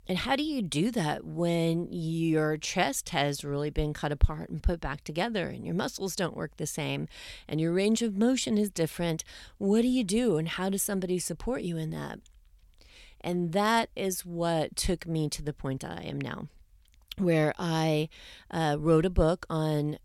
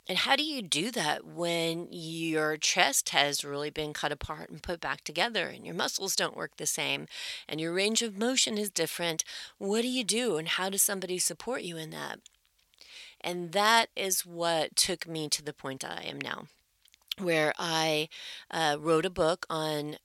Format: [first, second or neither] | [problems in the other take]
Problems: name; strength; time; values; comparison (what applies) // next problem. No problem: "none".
first | thin; somewhat; fading below 900 Hz